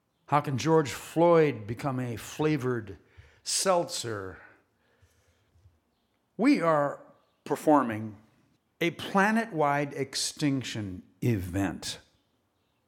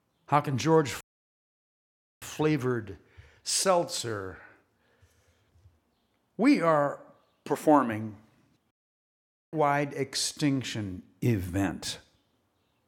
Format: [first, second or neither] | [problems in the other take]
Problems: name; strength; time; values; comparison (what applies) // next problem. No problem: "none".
first | audio cutting out; at 1 s for 1 s and at 8.5 s for 1 s